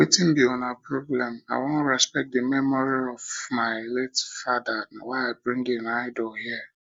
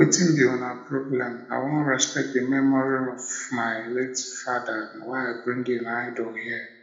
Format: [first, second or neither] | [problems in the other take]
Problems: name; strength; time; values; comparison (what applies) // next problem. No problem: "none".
first | room echo; dies away in 0.7 s